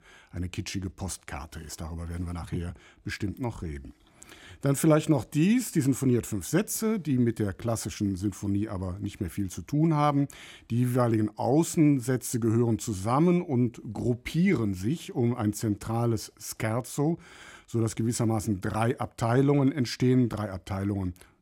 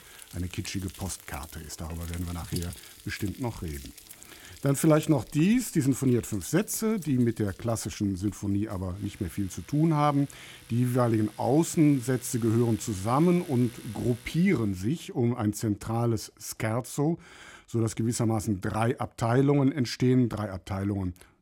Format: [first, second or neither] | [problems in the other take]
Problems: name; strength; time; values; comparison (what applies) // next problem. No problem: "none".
first | household noises; noticeable; until 14 s; 20 dB below the speech